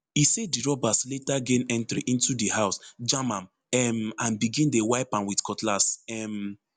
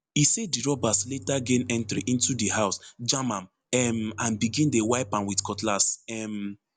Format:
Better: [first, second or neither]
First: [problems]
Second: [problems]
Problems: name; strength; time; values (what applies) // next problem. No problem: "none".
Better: first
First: none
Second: background sound (Bowed string instrument); 17 dB below the speech